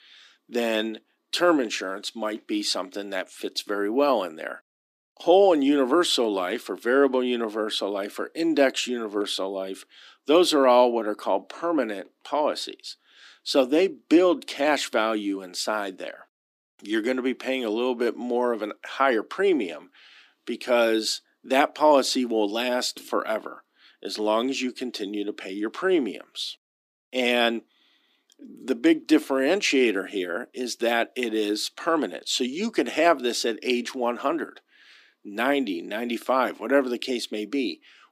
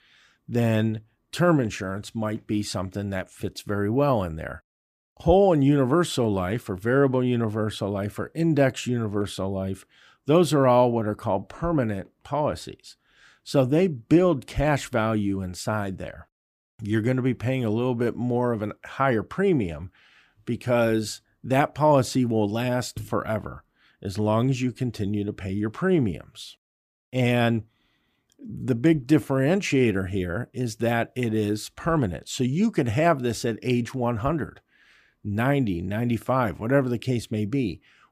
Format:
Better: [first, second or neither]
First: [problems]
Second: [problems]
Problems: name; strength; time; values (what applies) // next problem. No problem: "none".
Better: second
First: thin; very slightly; fading below 250 Hz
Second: none